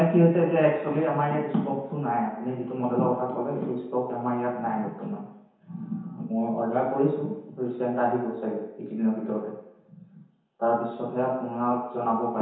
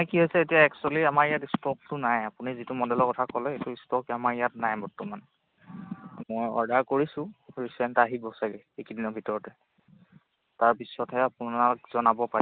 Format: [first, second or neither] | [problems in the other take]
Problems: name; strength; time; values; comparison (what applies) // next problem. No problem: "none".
second | room echo; dies away in 1 s